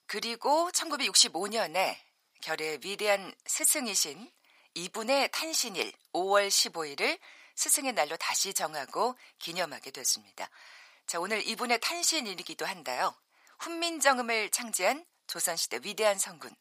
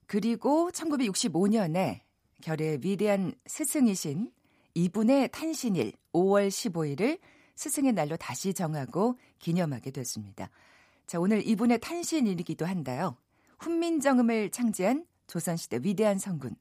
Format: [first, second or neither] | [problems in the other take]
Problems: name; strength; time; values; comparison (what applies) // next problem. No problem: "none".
second | thin; very; fading below 850 Hz